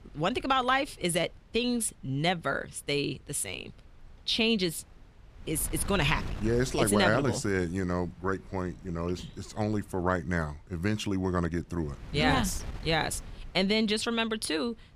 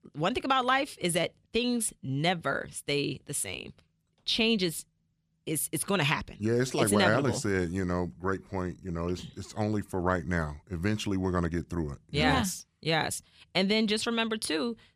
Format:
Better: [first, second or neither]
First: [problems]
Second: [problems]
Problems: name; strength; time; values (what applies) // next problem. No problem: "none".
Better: second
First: wind noise on the microphone; occasional gusts; 20 dB below the speech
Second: none